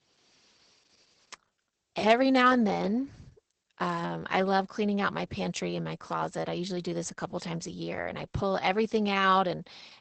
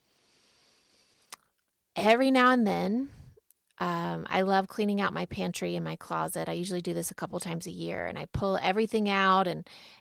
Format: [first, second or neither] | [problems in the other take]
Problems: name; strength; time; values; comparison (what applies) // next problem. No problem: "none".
second | garbled, watery; badly; nothing above 8 kHz; slightly in the second